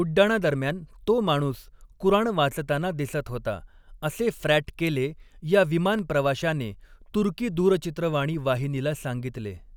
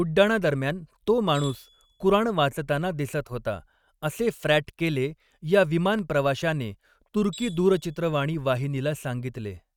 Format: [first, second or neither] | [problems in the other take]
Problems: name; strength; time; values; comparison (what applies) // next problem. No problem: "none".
first | noise reduction (neural mask model RNNoise)